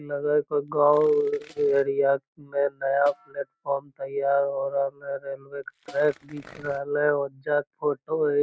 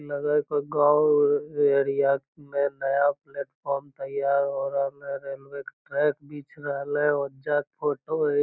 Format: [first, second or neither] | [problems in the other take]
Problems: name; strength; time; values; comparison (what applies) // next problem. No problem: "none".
second | noise reduction (neural mask model RNNoise)